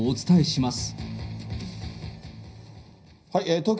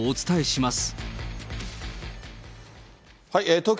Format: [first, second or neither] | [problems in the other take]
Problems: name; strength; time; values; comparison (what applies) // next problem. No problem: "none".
second | room echo; dies away in 0.4 s